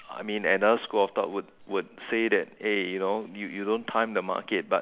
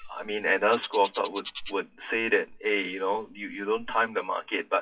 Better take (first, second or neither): first